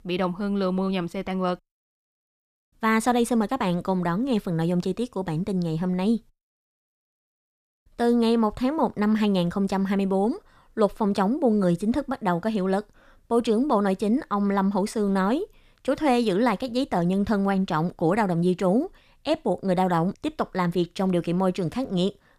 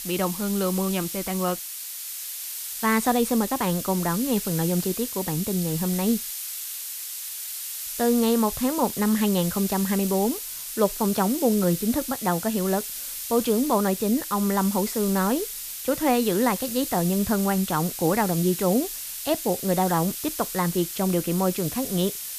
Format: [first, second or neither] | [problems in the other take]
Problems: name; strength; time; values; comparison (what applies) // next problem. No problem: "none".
first | hiss; loud; throughout; 6 dB below the speech